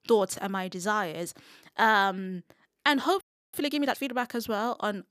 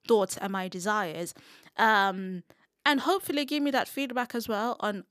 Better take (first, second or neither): second